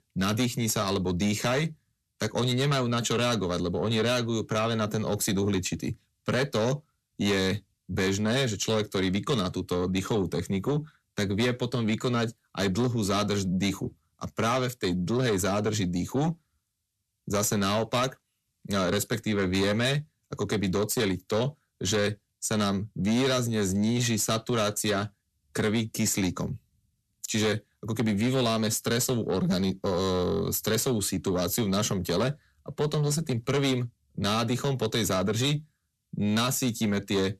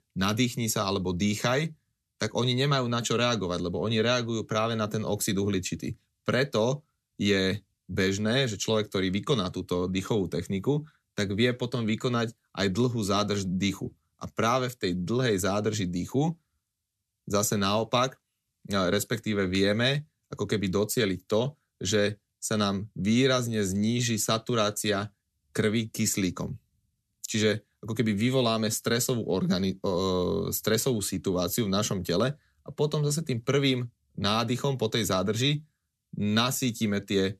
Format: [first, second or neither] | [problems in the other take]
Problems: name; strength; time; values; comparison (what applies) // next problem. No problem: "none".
second | distortion; slight; 10 dB below the speech